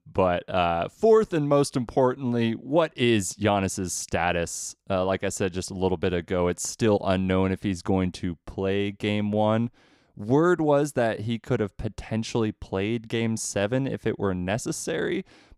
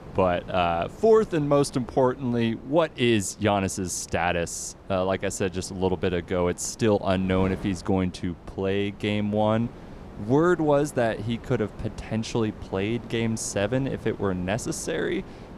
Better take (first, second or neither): first